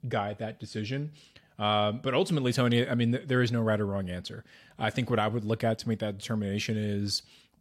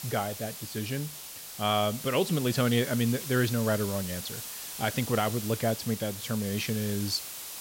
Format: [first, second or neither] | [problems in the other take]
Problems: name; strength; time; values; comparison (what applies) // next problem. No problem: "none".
first | hiss; loud; throughout; 8 dB below the speech